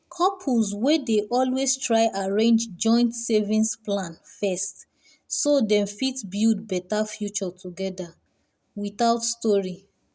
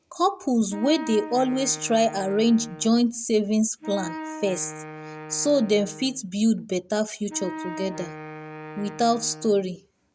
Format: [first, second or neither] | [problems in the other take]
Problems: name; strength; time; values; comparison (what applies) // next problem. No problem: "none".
first | background sound (Wind instrument, woodwind instrument); 14 dB below the speech